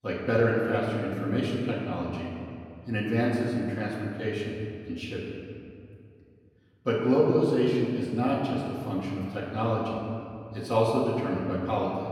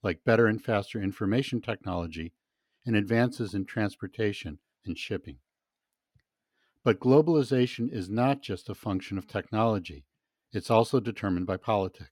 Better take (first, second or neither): second